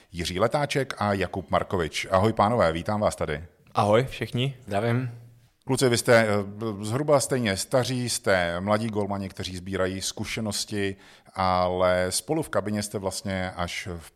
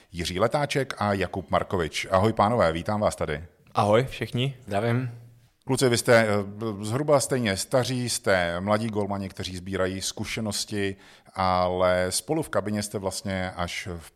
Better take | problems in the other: neither | none

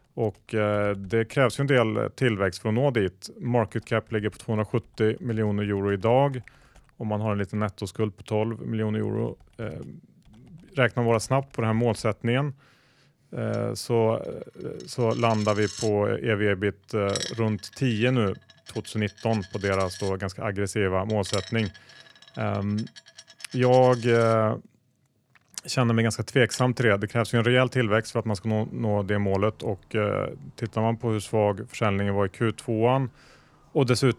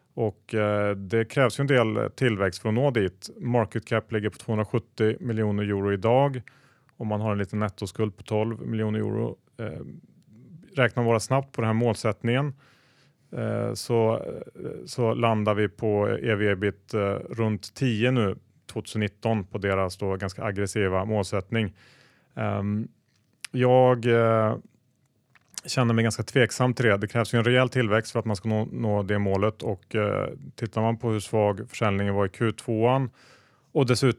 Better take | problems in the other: second | household noises; noticeable; throughout; 15 dB below the speech

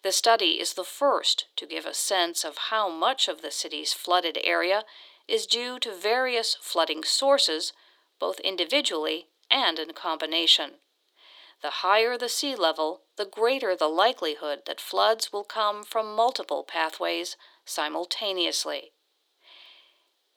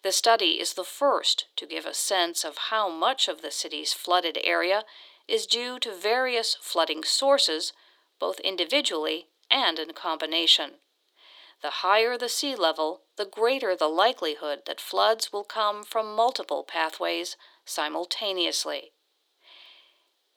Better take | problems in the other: neither | thin; very; fading below 350 Hz; the same in both

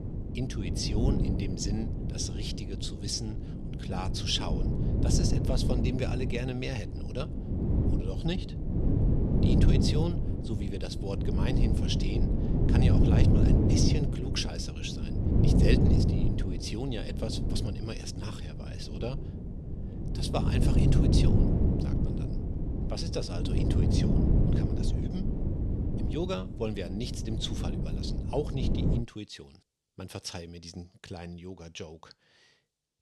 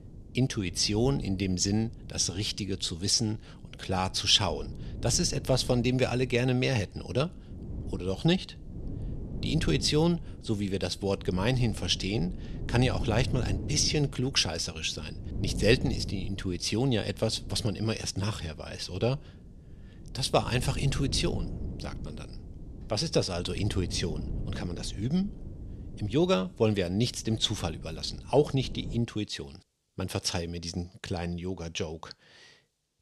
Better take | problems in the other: second | wind noise on the microphone; heavy; until 29 s; as loud as the speech; occasional gusts in the second

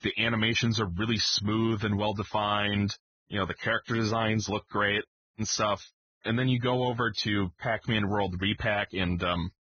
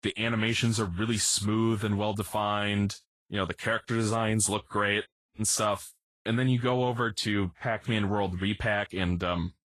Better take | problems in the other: second | garbled, watery; badly; nothing above 6.5 kHz; slightly in the second

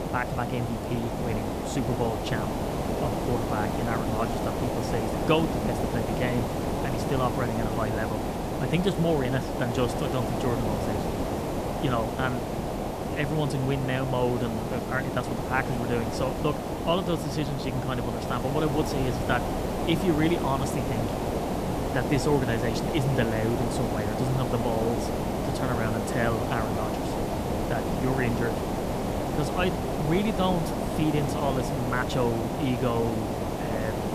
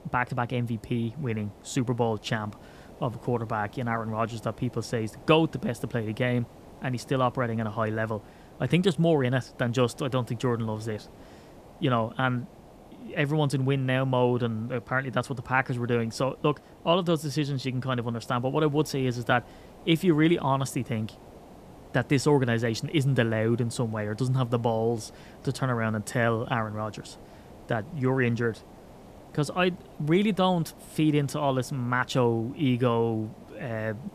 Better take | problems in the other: second | hiss; loud; throughout; as loud as the speech; faint in the second

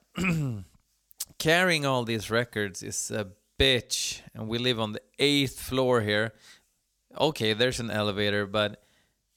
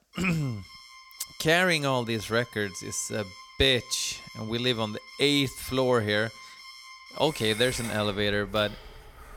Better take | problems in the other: first | alarms or sirens; noticeable; throughout; 15 dB below the speech

